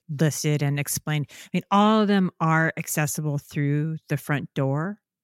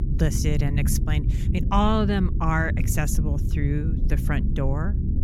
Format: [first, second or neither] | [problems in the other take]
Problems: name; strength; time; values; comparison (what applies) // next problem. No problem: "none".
first | low rumble; loud; throughout; 10 dB below the speech